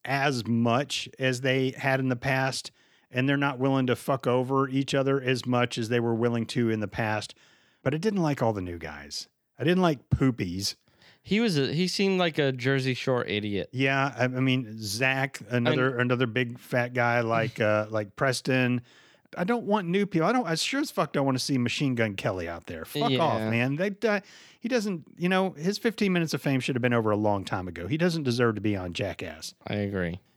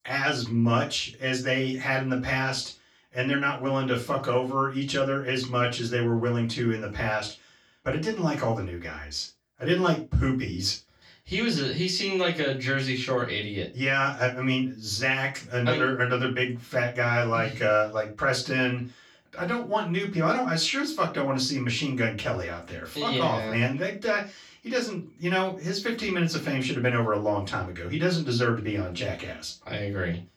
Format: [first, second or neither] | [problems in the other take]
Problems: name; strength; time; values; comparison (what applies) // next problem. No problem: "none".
first | room echo; slight; dies away in 0.2 s // off-mic speech; far